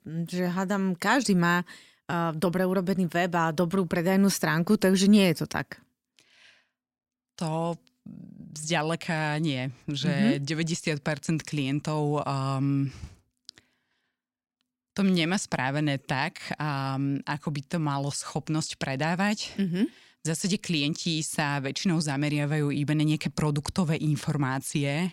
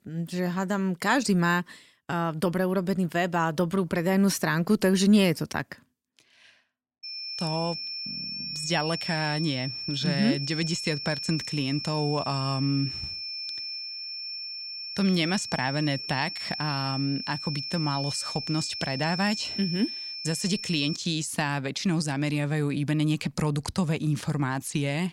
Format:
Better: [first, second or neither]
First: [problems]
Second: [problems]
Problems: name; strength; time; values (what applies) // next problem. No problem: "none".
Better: first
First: none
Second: high-pitched whine; loud; from 7 to 21 s; 5.5 kHz, 6 dB below the speech